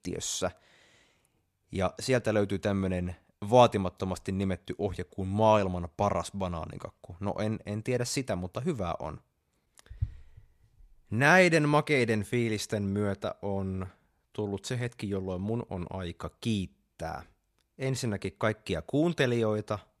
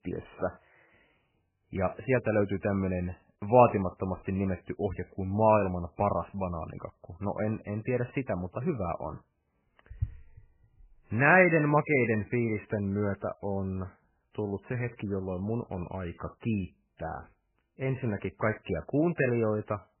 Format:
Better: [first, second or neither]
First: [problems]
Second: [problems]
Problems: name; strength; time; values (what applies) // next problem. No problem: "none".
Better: first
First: none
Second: garbled, watery; badly; nothing above 2.5 kHz